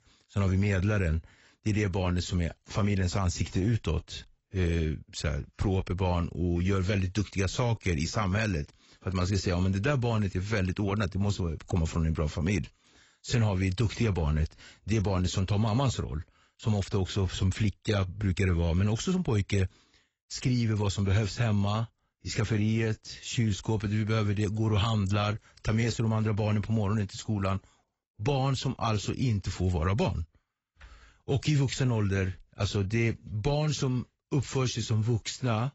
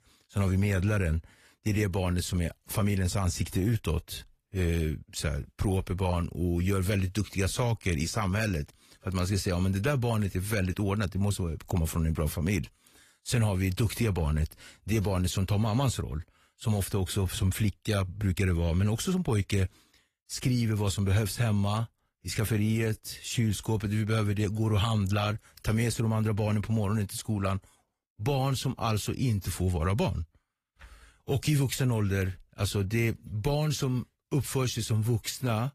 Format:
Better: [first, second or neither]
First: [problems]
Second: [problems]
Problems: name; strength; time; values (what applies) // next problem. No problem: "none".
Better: second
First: garbled, watery; badly; nothing above 8 kHz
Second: garbled, watery; slightly; nothing above 14.5 kHz